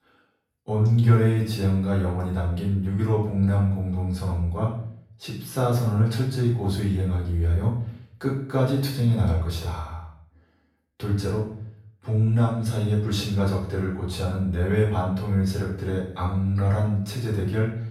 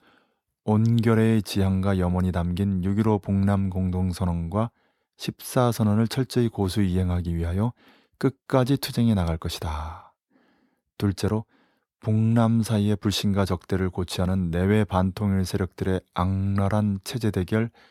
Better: second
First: off-mic speech; far // room echo; noticeable; dies away in 0.6 s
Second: none

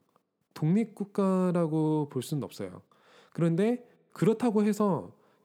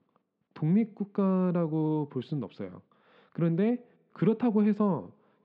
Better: first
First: none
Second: muffled; slightly; fading above 3.5 kHz

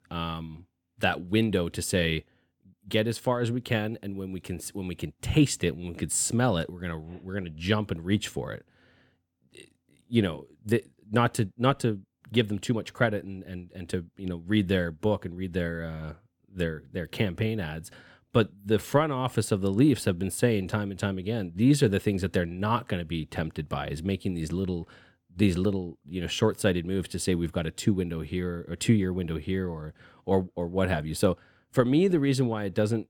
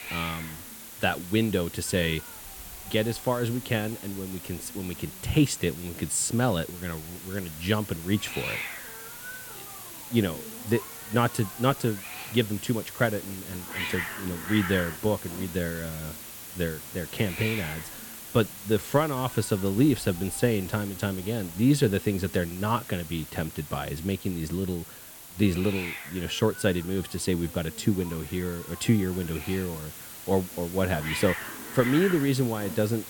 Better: first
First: none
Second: hiss; loud; throughout; 10 dB below the speech

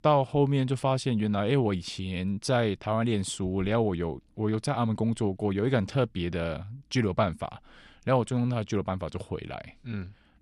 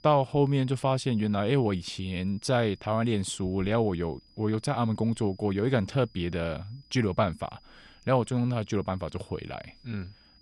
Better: first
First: none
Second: high-pitched whine; faint; throughout; 5 kHz, 30 dB below the speech

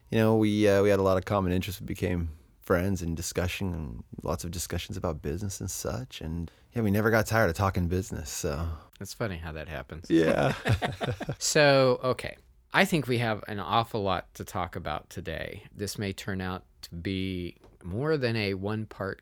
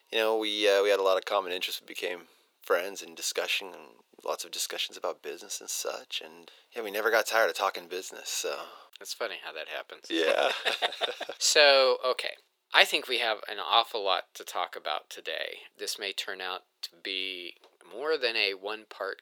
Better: first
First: none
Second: thin; very; fading below 450 Hz

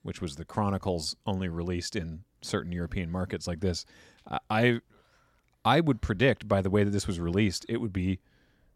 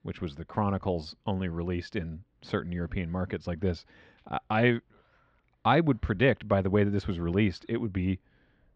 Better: first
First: none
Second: muffled; slightly; fading above 3 kHz

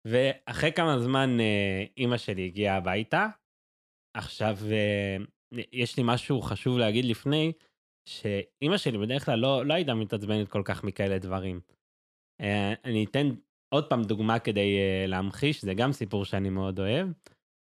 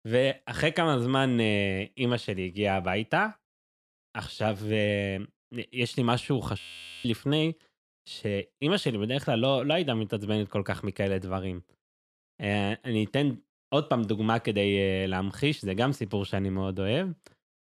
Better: first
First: none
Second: audio freezing; at 6.5 s

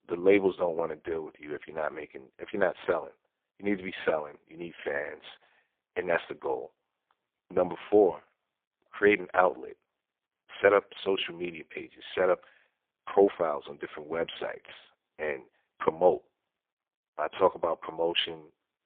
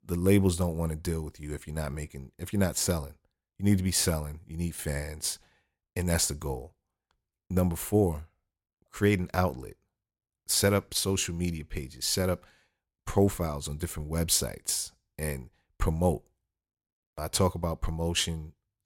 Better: second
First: phone-call audio; poor line; nothing above 3 kHz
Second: none

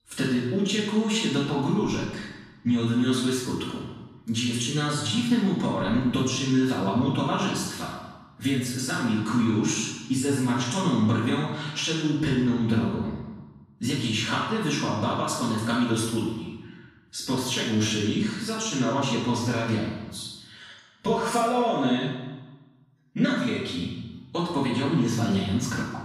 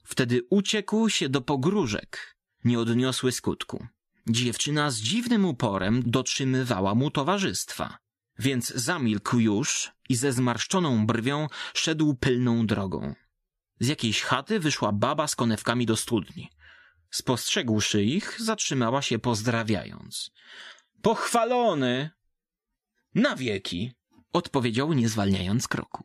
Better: second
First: off-mic speech; far // room echo; noticeable; dies away in 1 s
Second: none

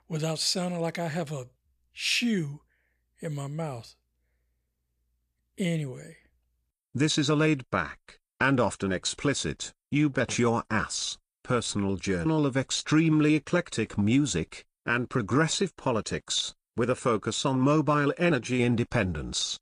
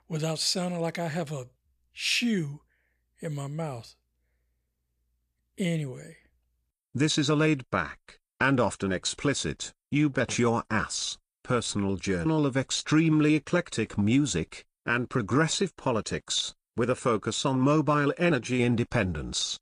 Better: neither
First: none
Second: none

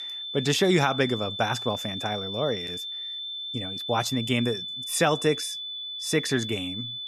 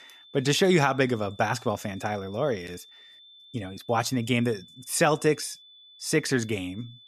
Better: second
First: high-pitched whine; loud; throughout; 3.5 kHz, 5 dB below the speech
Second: high-pitched whine; faint; throughout; 3.5 kHz, 25 dB below the speech

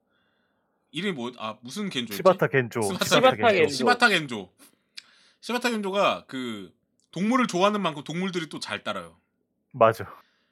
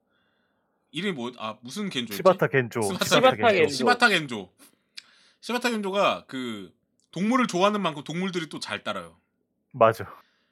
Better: neither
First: none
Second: none

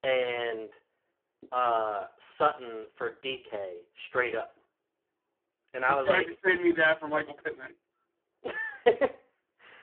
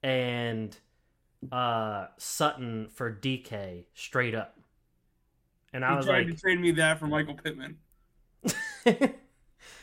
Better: second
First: phone-call audio; poor line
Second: none

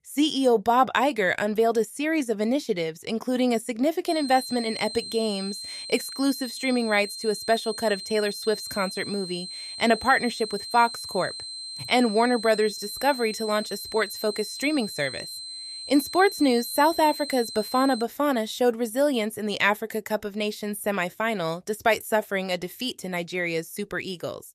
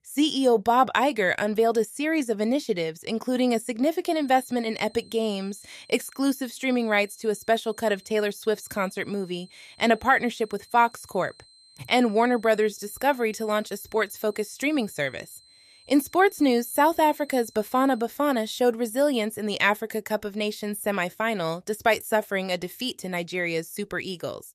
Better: second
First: high-pitched whine; loud; from 4 to 18 s; 4 kHz, 9 dB below the speech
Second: high-pitched whine; faint; from 4 to 18 s; 4 kHz, 25 dB below the speech

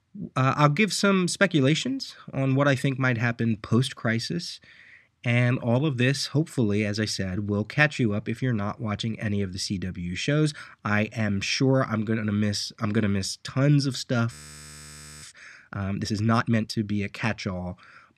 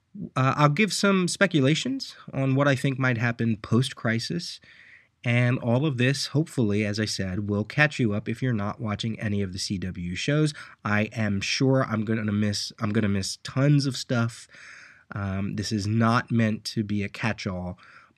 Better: second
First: audio freezing; at 14 s for 1 s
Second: none

